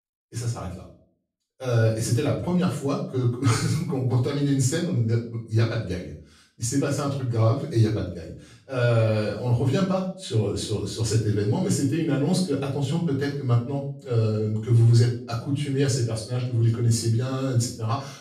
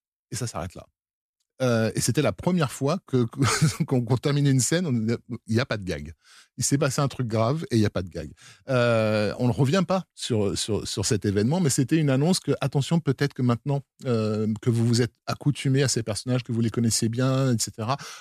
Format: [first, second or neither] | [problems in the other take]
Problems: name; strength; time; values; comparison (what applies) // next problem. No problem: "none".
second | off-mic speech; far // room echo; noticeable; dies away in 0.4 s